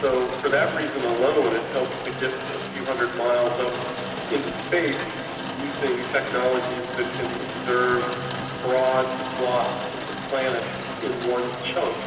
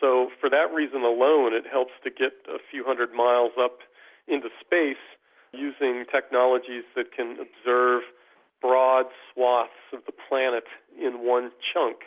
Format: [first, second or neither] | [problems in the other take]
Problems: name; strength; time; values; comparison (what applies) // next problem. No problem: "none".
second | background sound (Rain); 7 dB below the speech // room echo; dies away in 2.6 s